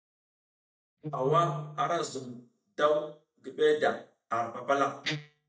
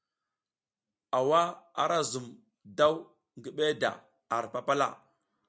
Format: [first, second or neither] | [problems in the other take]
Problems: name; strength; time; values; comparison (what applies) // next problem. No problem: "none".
second | noise reduction (neural mask model DeepFilterNet 3)